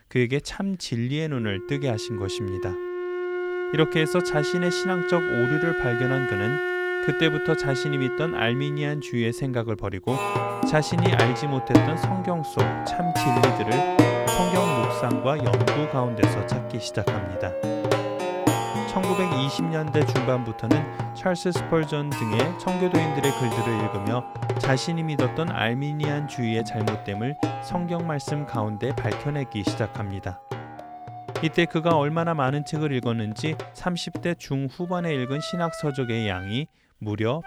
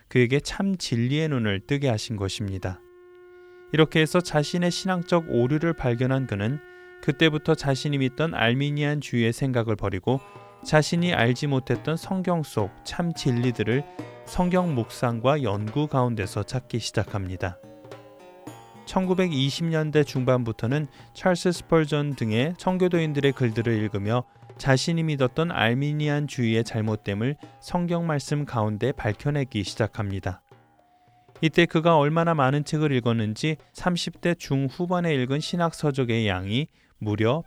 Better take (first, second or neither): second